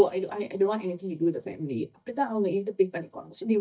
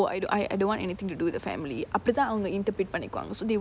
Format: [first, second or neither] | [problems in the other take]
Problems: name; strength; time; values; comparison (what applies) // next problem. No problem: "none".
second | noise reduction (neural mask model DeepFilterNet 3)